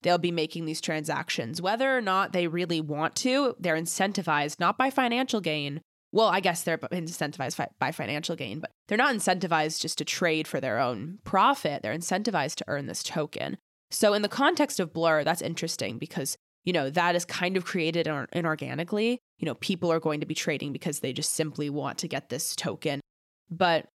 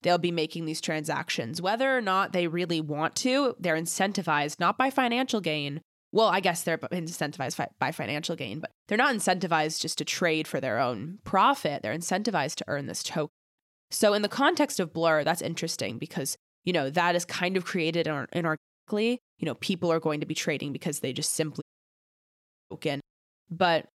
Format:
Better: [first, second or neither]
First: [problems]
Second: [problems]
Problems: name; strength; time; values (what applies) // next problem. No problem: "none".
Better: first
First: none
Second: audio cutting out; at 13 s, at 19 s and at 22 s for 1 s